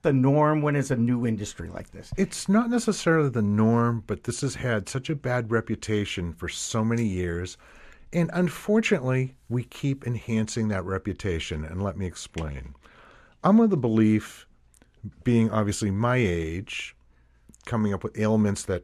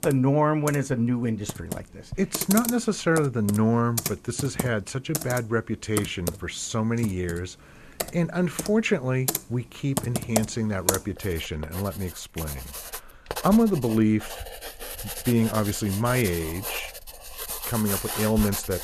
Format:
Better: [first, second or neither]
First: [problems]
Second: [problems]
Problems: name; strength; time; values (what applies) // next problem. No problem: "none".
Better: first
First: none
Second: household noises; loud; throughout; 7 dB below the speech